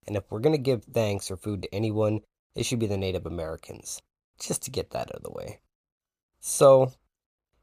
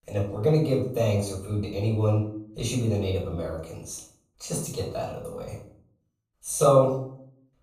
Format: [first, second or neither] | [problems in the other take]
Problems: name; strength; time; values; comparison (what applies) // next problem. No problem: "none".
first | off-mic speech; far // room echo; noticeable; dies away in 0.5 s